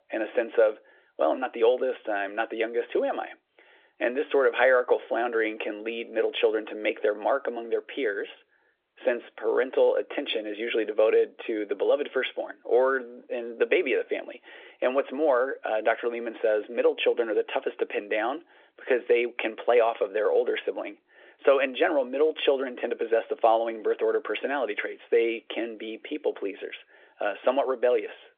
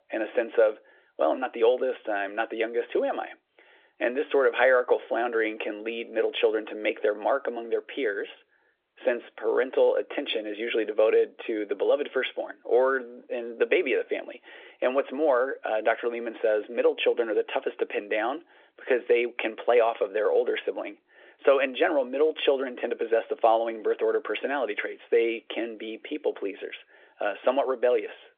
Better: neither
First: phone-call audio; nothing above 3.5 kHz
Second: phone-call audio; nothing above 3.5 kHz

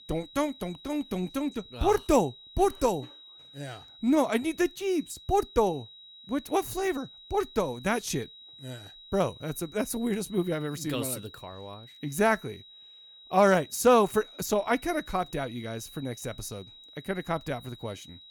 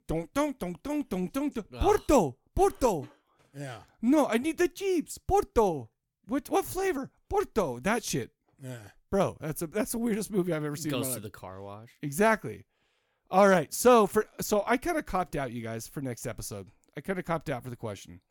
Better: second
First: high-pitched whine; noticeable; throughout; 4 kHz, 20 dB below the speech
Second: none

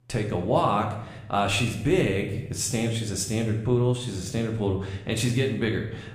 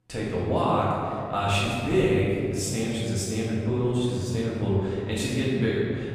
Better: first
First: room echo; slight; dies away in 0.8 s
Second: room echo; strong; dies away in 2.2 s // off-mic speech; far

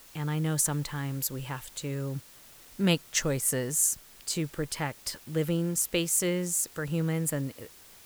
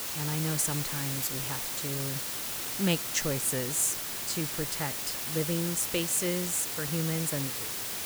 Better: first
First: hiss; faint; throughout; 20 dB below the speech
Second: hiss; loud; throughout; as loud as the speech

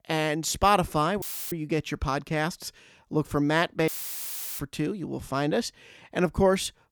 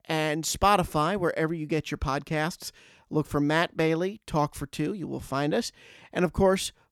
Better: second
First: audio cutting out; filled with static; at 1 s and at 4 s for 0.5 s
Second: none

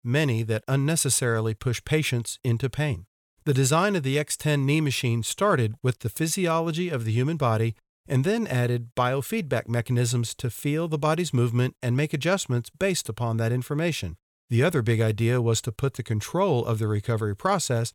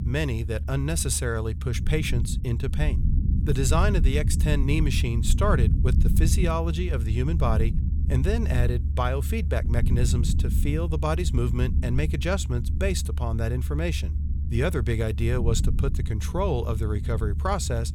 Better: first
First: none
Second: low rumble; noticeable; throughout; 10 dB below the speech

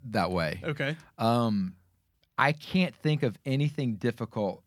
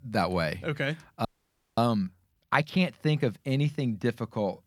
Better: first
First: none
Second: audio freezing; at 1.5 s for 0.5 s

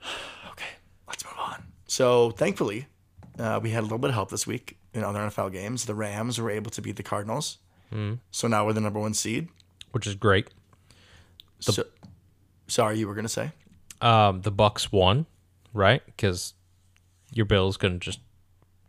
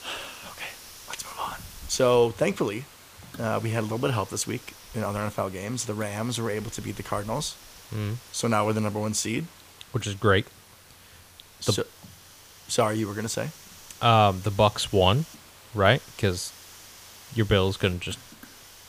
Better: first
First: none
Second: hiss; noticeable; throughout; 20 dB below the speech

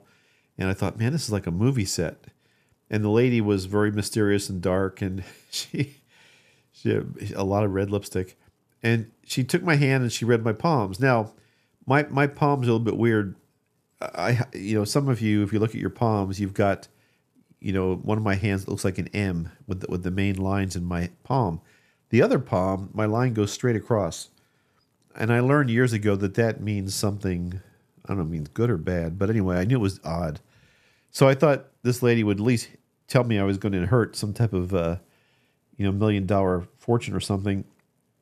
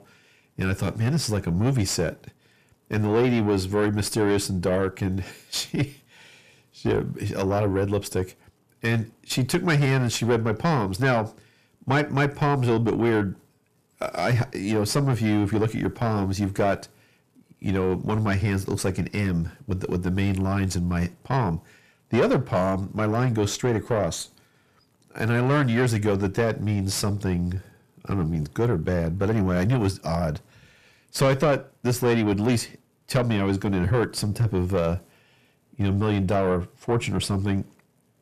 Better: first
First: none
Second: distortion; heavy; 6 dB below the speech

